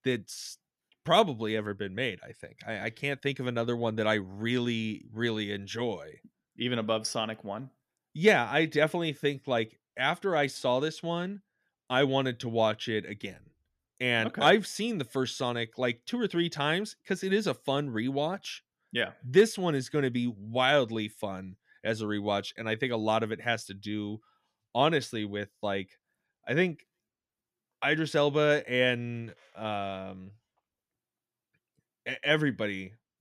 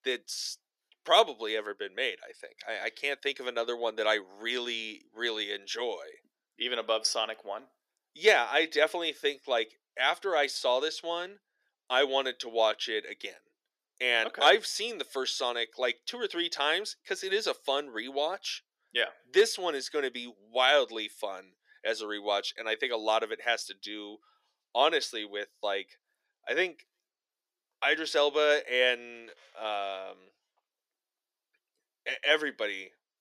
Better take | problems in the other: first | thin; very; fading below 400 Hz

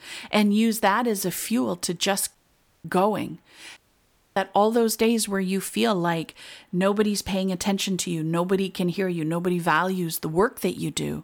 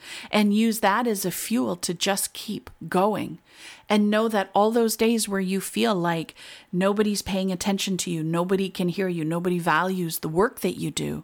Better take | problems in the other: second | audio cutting out; at 2.5 s and at 4 s for 0.5 s

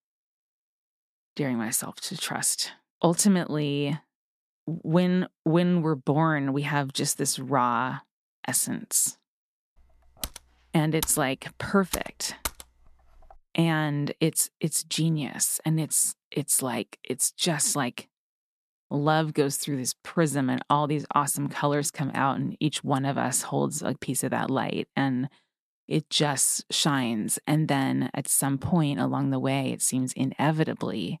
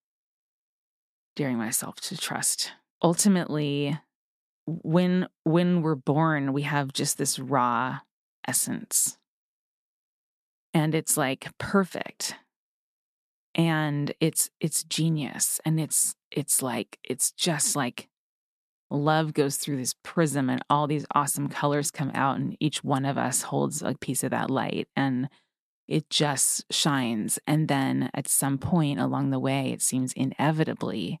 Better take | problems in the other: second | keyboard typing; noticeable; from 10 to 13 s; peak 8 dB below the speech

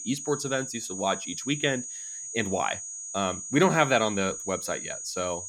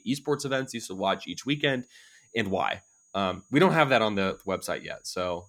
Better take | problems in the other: second | high-pitched whine; loud; throughout; 6.5 kHz, 7 dB below the speech; faint in the second

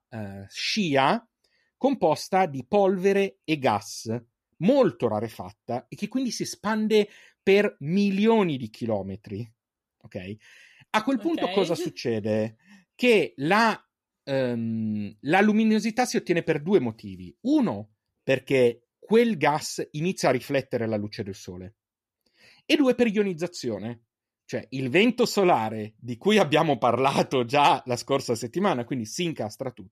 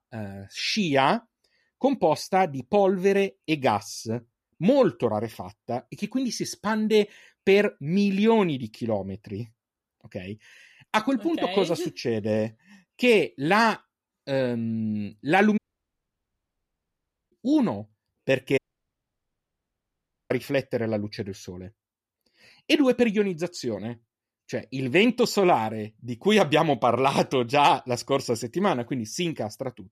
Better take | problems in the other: first | audio cutting out; at 16 s for 1.5 s and at 19 s for 1.5 s

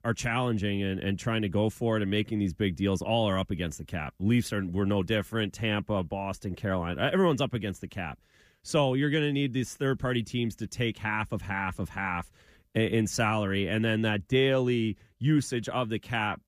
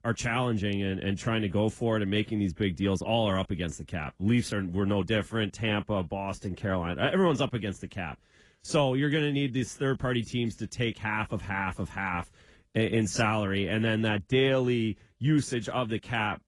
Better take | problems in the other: first | garbled, watery; slightly; nothing above 10.5 kHz

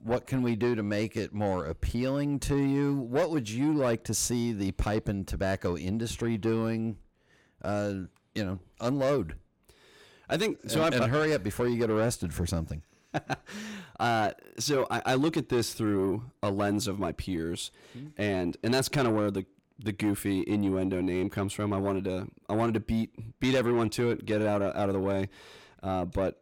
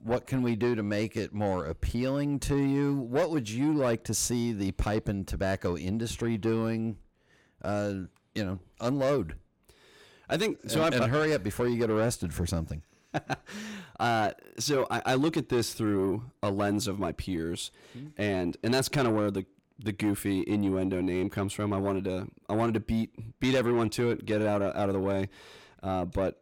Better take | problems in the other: neither | distortion; slight; 10 dB below the speech; the same in both

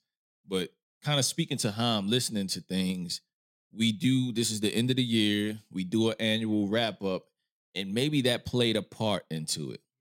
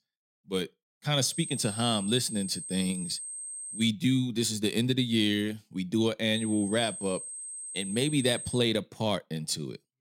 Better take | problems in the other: first | high-pitched whine; loud; from 1.5 to 4 s and from 6.5 to 8.5 s; 8.5 kHz, 8 dB below the speech

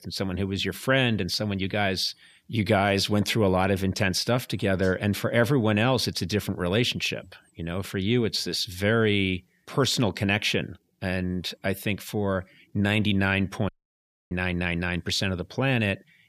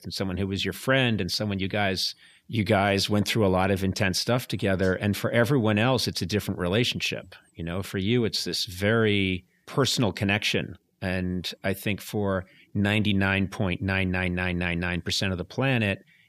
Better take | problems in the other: second | audio cutting out; at 14 s for 0.5 s

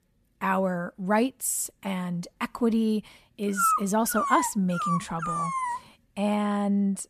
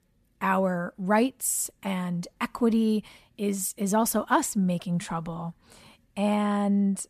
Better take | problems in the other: second | dog barking; loud; from 3.5 to 6 s; peak 3 dB above the speech

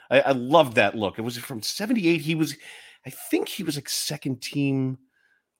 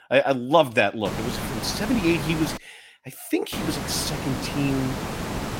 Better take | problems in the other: first | hiss; loud; from 1 to 2.5 s and from 3.5 s on; 6 dB below the speech

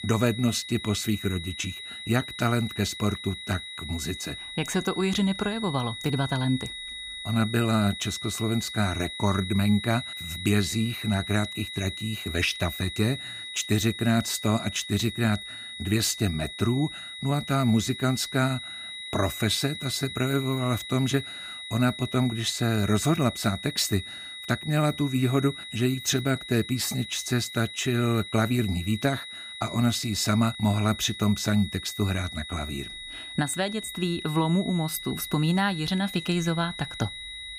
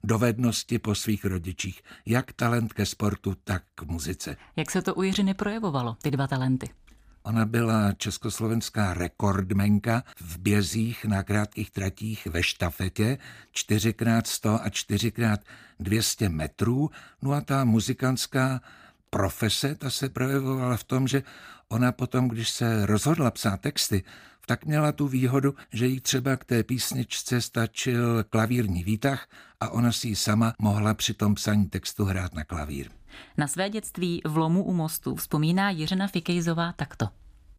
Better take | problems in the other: second | high-pitched whine; loud; throughout; 4 kHz, 9 dB below the speech

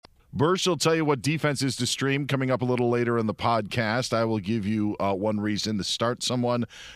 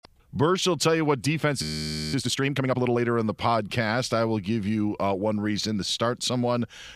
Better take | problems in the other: first | audio freezing; at 1.5 s for 0.5 s

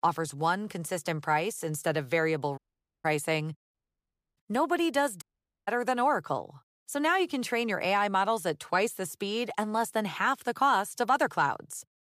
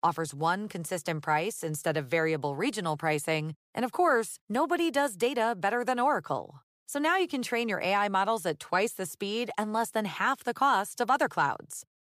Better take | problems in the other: second | audio cutting out; at 2.5 s, at 3.5 s for 0.5 s and at 5 s

